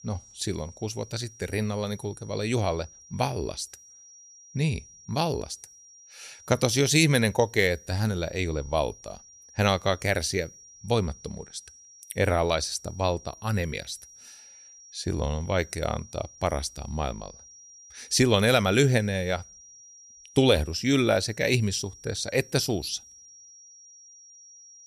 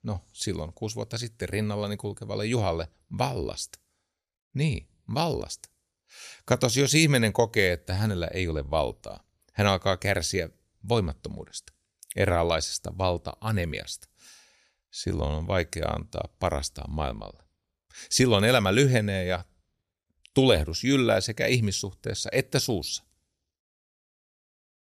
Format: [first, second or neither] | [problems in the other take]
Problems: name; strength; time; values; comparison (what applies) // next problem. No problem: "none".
second | high-pitched whine; faint; throughout; 5.5 kHz, 20 dB below the speech